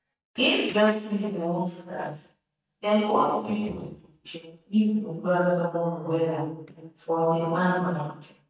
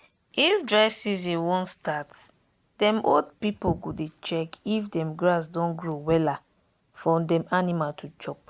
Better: second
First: noise reduction (neural mask model DeepFilterNet 3)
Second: none

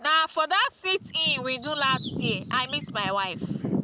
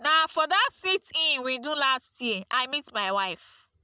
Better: second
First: background sound (Bird vocalization, bird call, bird song); 7 dB below the speech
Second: none

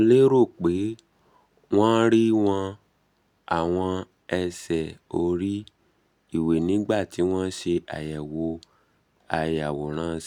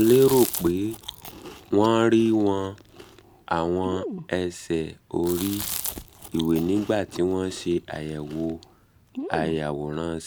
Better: first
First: none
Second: background sound (Chewing, mastication); 13 dB below the speech

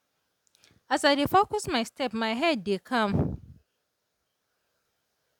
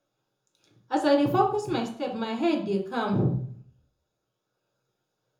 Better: first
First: none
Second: room echo; dies away in 0.5 s

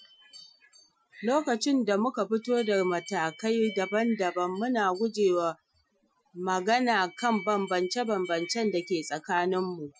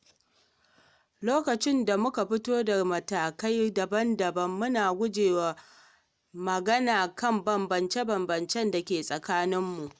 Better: second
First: noise reduction (classical method Wiener filter)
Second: none

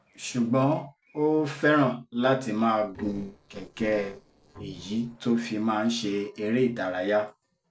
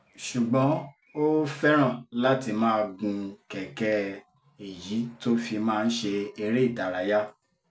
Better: second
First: noise reduction (neural separator model SepFormer DNS4)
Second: none

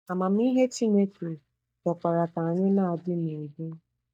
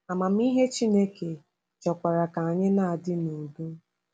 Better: second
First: noise reduction (neural mask model DeepFilterNet 3)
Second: none

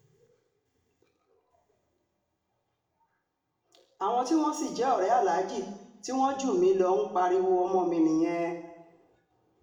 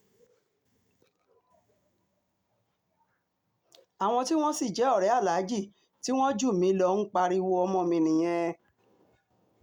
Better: second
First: room echo; dies away in 0.9 s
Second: none

